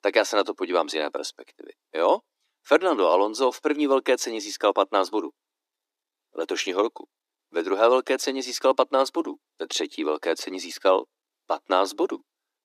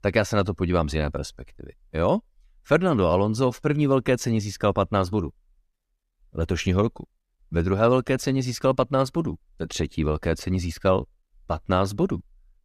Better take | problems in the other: second | thin; somewhat; fading below 300 Hz

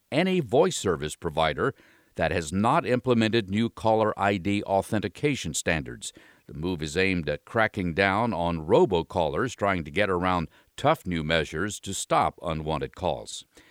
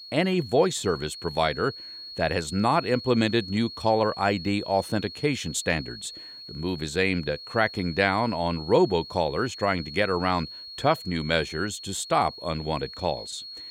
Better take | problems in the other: first | high-pitched whine; noticeable; throughout; 4.5 kHz, 10 dB below the speech

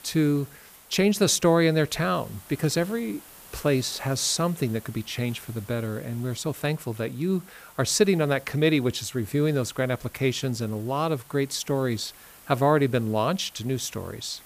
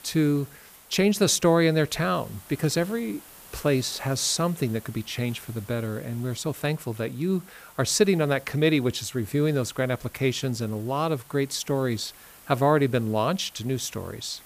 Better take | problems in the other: neither | hiss; faint; throughout; 20 dB below the speech; the same in both

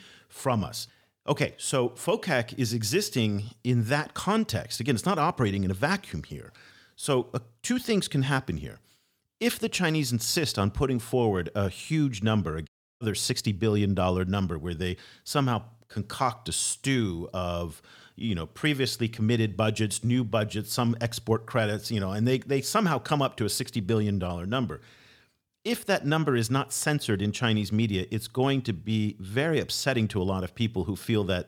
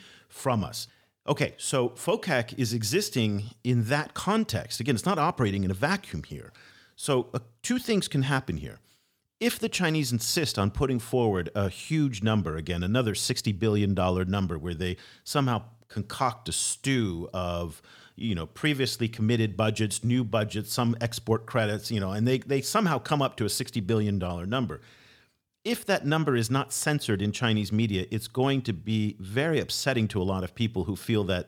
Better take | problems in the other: second | audio cutting out; at 13 s

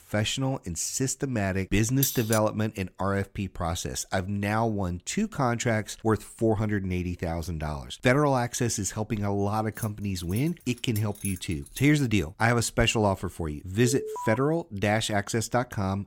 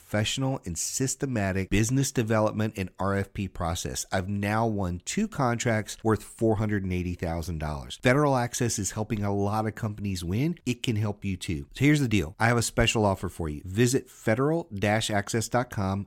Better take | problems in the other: second | clattering dishes; noticeable; at 2 s; peak 1 dB below the speech // jangling keys; noticeable; from 10 to 12 s; peak 10 dB below the speech // alarm; noticeable; at 14 s; peak 7 dB below the speech

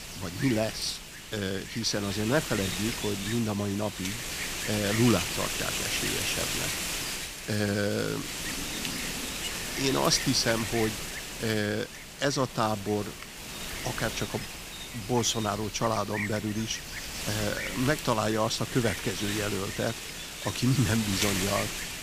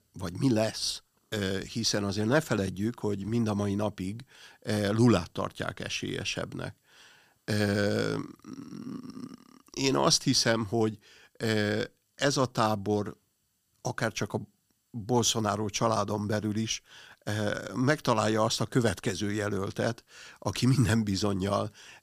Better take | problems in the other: second | wind noise on the microphone; heavy; 3 dB below the speech

